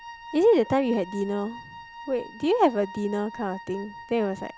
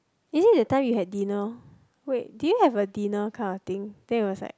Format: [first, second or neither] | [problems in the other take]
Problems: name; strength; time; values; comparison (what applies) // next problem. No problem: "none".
second | background sound (Wind instrument, woodwind instrument); 17 dB below the speech